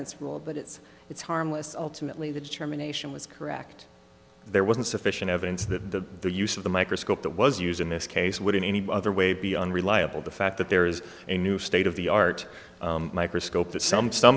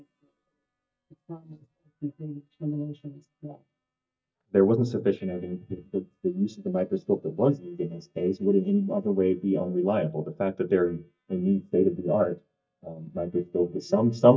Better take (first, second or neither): first